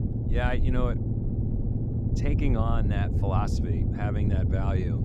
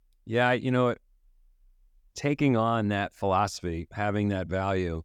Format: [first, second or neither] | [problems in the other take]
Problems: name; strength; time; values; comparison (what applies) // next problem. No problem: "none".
second | low rumble; loud; throughout; 4 dB below the speech